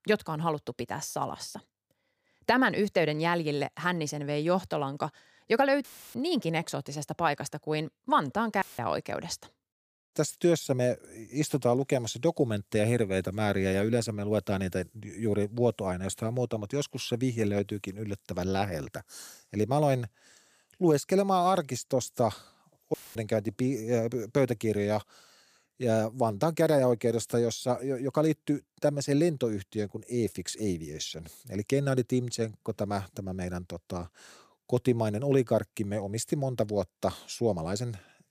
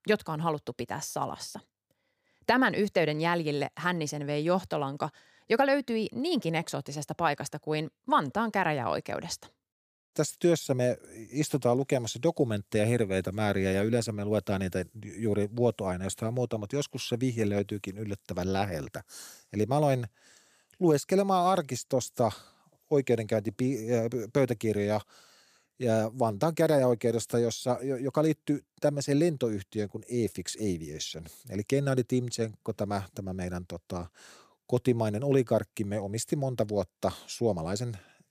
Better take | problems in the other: second | audio cutting out; filled with static; at 6 s, at 8.5 s and at 23 s

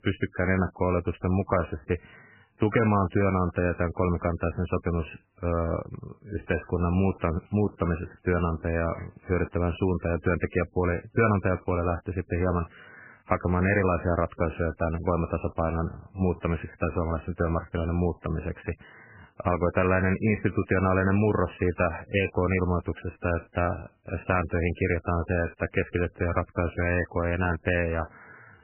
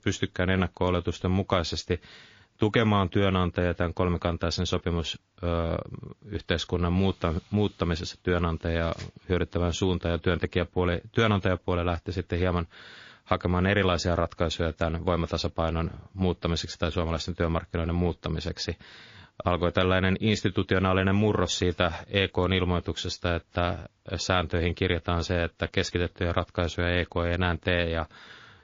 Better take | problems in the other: second | garbled, watery; badly; nothing above 2.5 kHz; slightly in the second

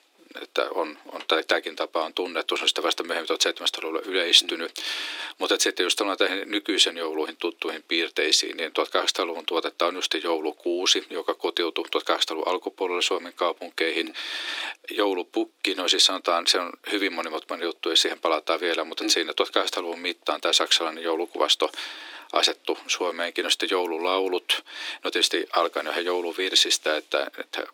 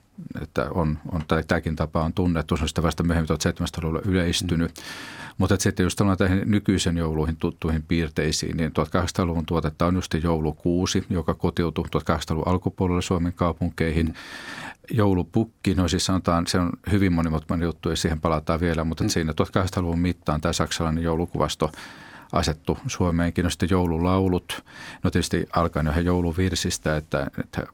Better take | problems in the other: second | thin; very; fading below 300 Hz

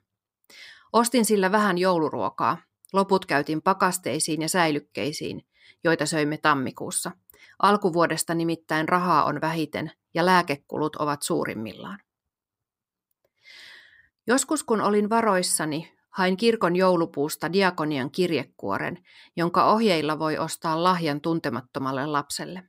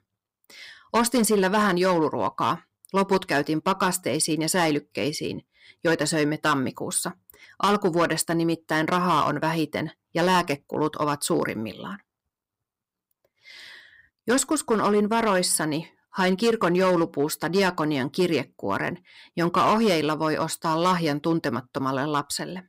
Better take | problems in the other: first | distortion; slight; 5% of the sound clipped

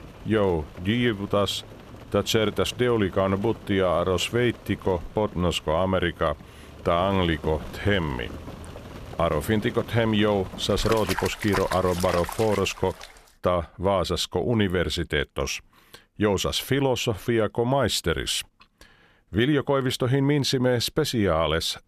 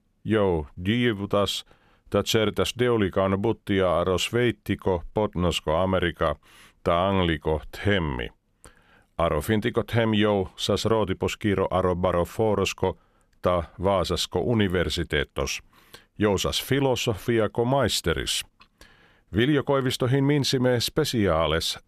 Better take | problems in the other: second | rain or running water; noticeable; until 13 s; 15 dB below the speech

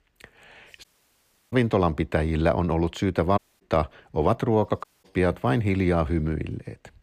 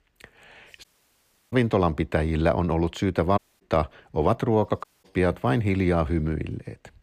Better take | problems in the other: neither | audio cutting out; at 1 s for 0.5 s, at 3.5 s and at 5 s; the same in both

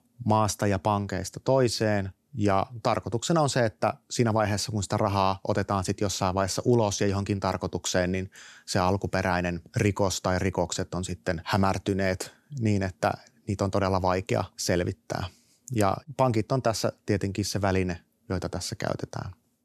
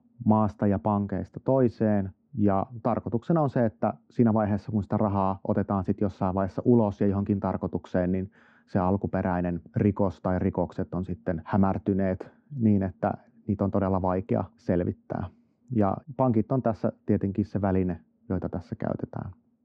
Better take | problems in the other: first | muffled; very; fading above 1 kHz

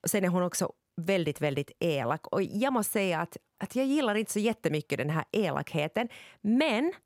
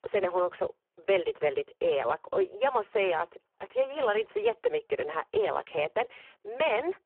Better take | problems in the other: first | phone-call audio; poor line

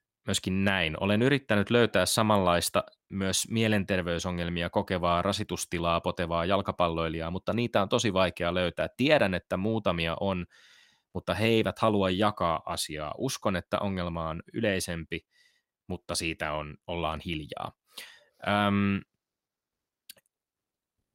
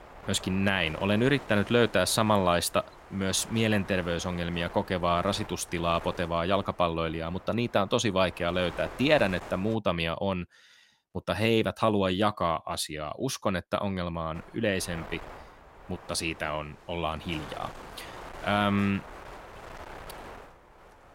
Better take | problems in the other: first | wind noise on the microphone; occasional gusts; until 10 s and from 14 s on; 15 dB below the speech

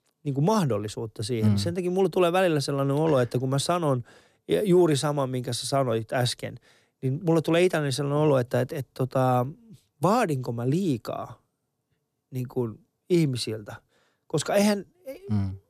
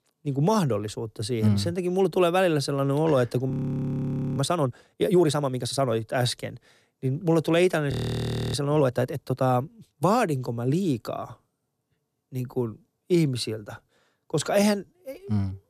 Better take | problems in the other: first | audio freezing; at 3.5 s for 1 s and at 8 s for 0.5 s

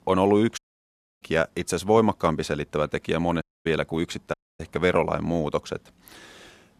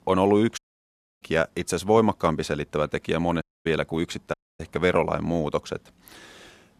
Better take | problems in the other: neither | audio cutting out; at 0.5 s for 0.5 s, at 3.5 s and at 4.5 s; the same in both

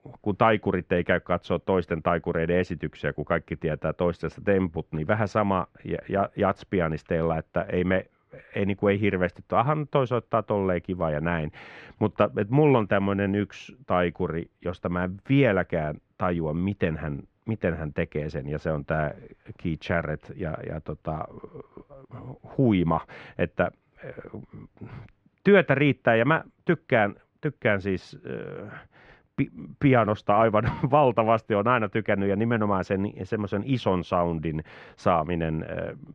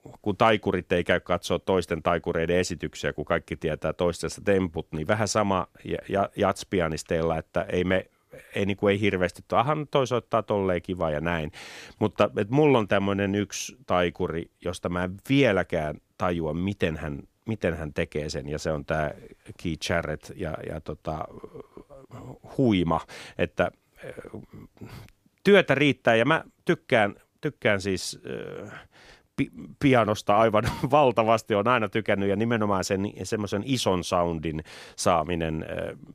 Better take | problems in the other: second | muffled; very; fading above 2 kHz

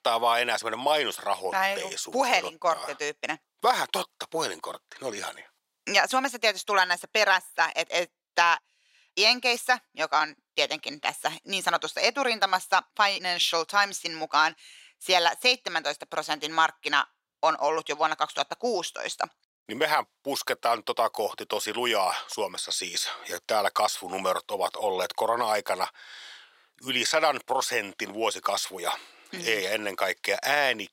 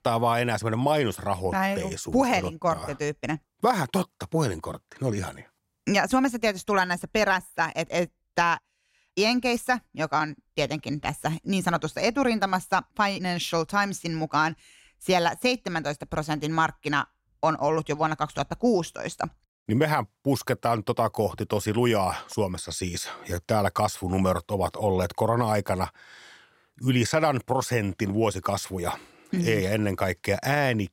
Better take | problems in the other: second | thin; very; fading below 550 Hz

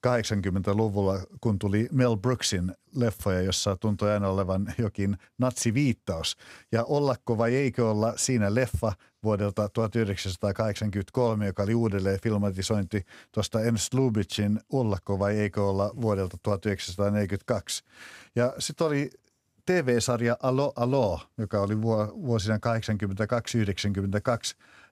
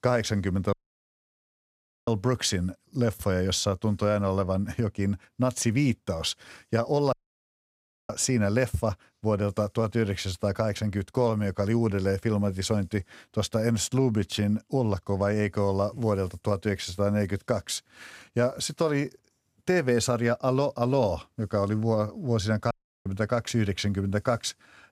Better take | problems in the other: first | audio cutting out; at 0.5 s for 1.5 s, at 7 s for 1 s and at 23 s

